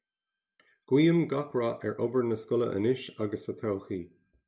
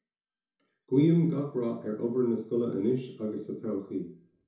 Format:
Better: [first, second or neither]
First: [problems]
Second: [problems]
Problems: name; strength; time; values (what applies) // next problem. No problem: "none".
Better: first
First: none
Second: room echo; dies away in 0.6 s